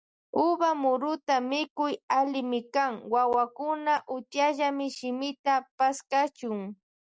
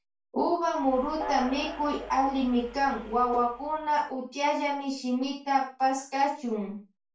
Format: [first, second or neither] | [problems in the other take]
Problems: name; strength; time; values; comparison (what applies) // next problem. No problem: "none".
first | background sound (Train); 14 dB below the speech // room echo; dies away in 0.3 s